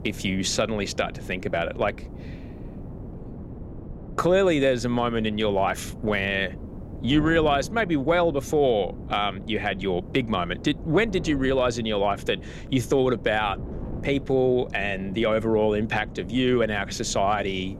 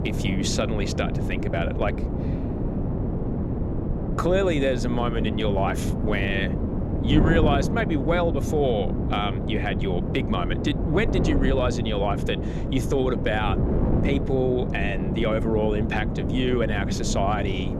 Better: first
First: wind noise on the microphone; occasional gusts; 20 dB below the speech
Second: wind noise on the microphone; heavy; 6 dB below the speech

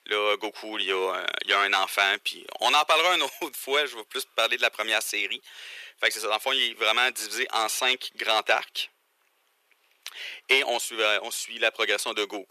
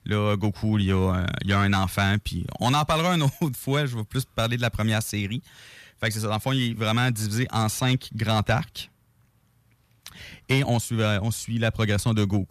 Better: second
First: thin; very; fading below 400 Hz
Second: none

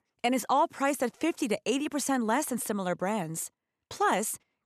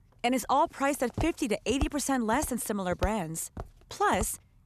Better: first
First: none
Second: footsteps; noticeable; from 1 s on; peak 8 dB below the speech

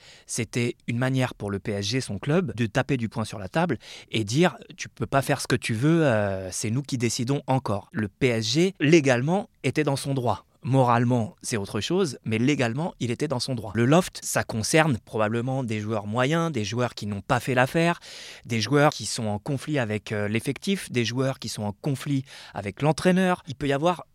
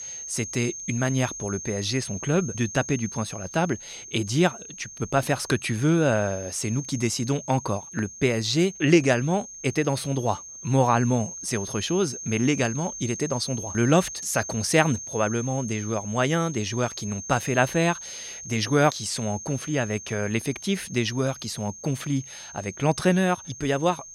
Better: first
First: none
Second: high-pitched whine; noticeable; throughout; 6.5 kHz, 10 dB below the speech

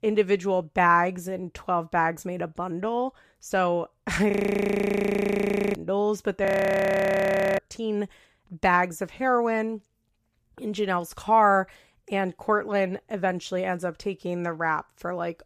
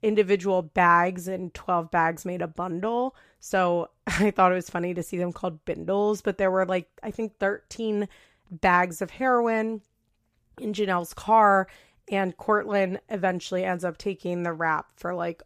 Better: second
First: audio freezing; at 4.5 s for 1.5 s and at 6.5 s for 1 s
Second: none

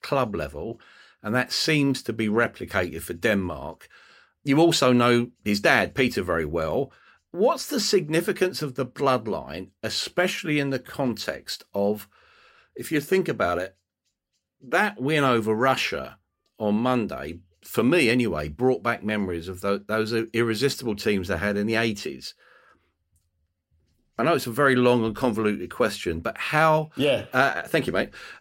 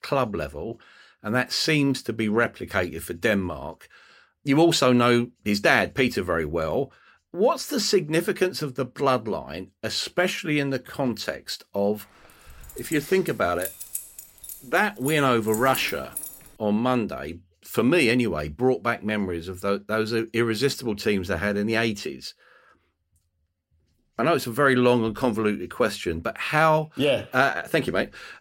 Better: first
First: none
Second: jangling keys; noticeable; from 12 to 16 s; peak 8 dB below the speech

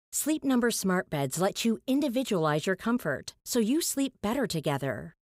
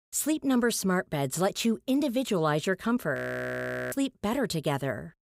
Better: first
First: none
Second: audio freezing; at 3 s for 1 s

